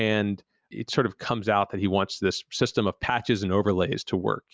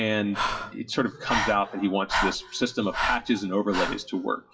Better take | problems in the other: first | noise reduction (classical method WPE with log-MMSE)

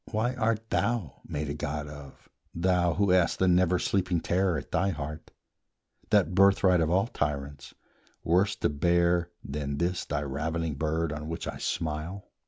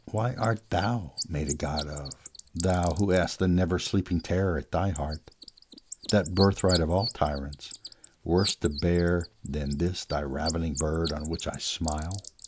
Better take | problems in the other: first | background sound (Bird); 13 dB below the speech

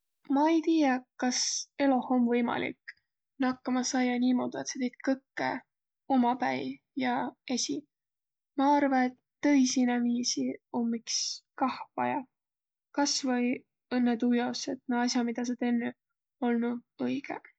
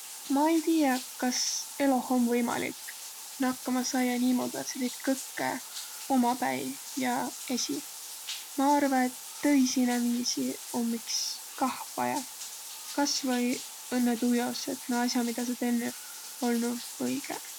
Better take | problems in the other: first | background sound (Bathtub (filling or washing)); 12 dB below the speech

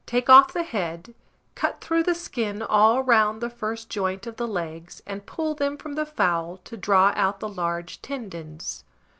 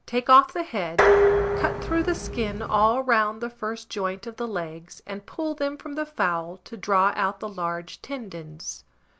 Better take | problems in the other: first | background sound (Dishes, pots, and pans); 2 dB above the speech

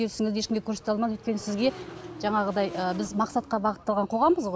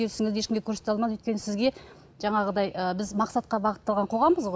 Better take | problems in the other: second | background sound (Motorcycle / Engine); 15 dB below the speech

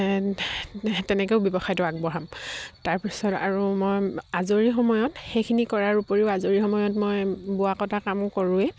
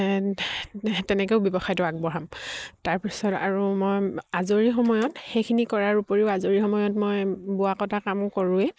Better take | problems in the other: first | noise reduction (neural mask model Resemble Enhance denoiser)

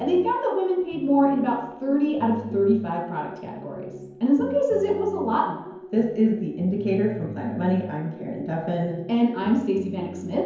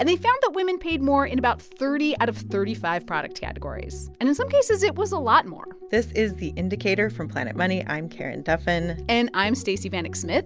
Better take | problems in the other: second | room echo; dies away in 0.9 s

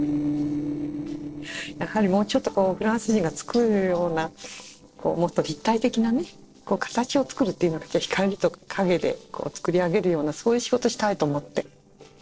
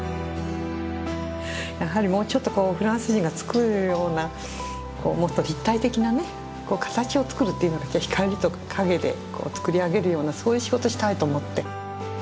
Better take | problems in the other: second | noise reduction (neural separator model SepFormer DNS4)

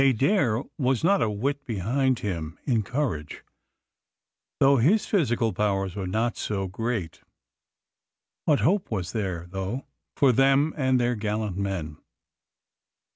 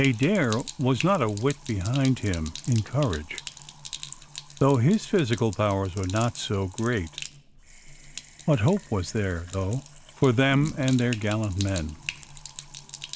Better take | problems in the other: first | background sound (Sink (filling or washing)); 15 dB below the speech

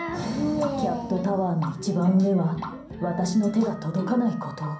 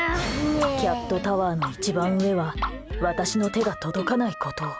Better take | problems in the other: second | room echo; dies away in 0.6 s

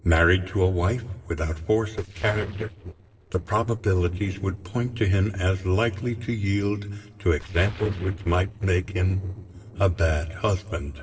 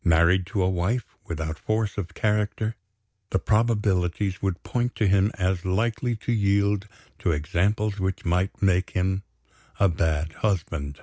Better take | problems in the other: second | noise reduction (neural separator model SepFormer DNS4)

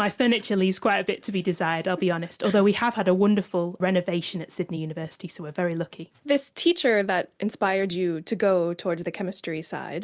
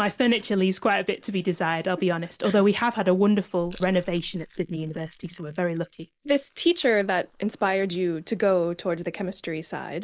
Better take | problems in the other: first | noise reduction (neural mask model Resemble Enhance denoiser)

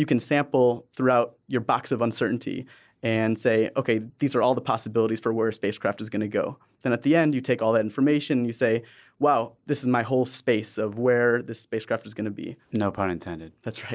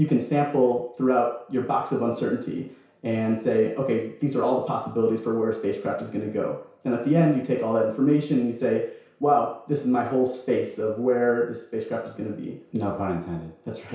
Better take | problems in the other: first | room echo; dies away in 0.6 s

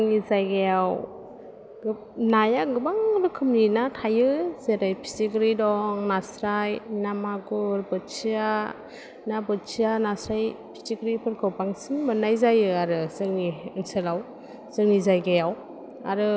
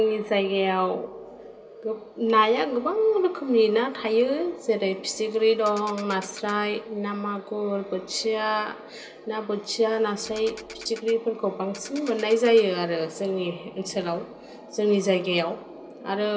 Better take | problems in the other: first | background sound (Ratchet, pawl); 20 dB below the speech // room echo; dies away in 0.2 s

